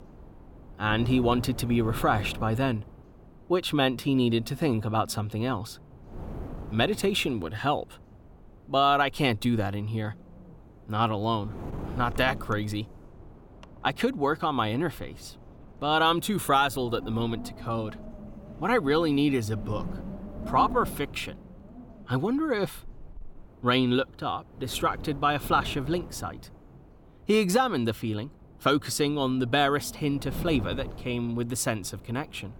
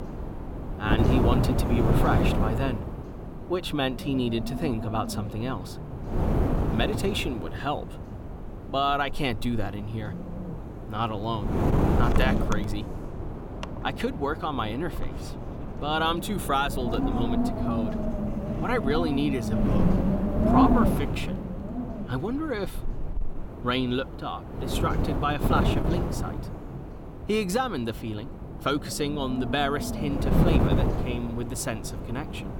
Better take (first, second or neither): first